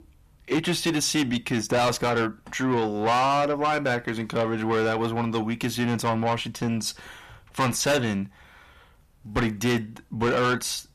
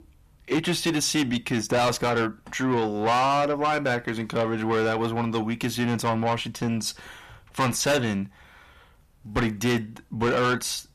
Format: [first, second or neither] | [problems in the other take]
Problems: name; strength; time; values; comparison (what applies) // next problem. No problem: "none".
neither | distortion; heavy; 6 dB below the speech; the same in both